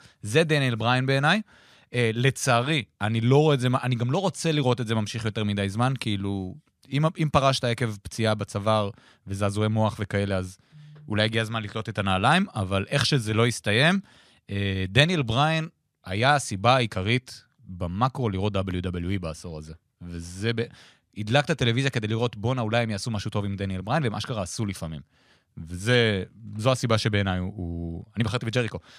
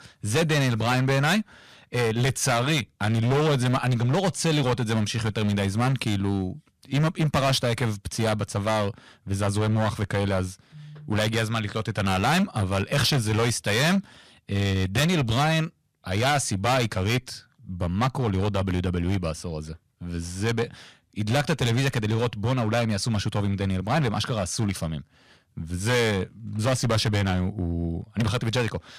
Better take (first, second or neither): first